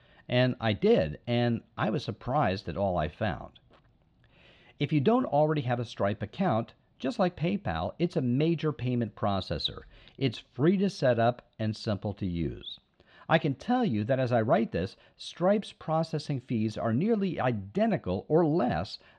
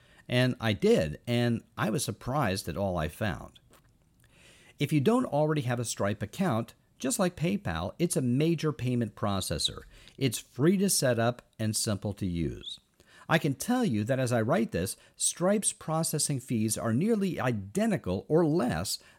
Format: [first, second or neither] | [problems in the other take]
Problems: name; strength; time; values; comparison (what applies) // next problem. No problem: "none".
second | muffled; slightly; fading above 4 kHz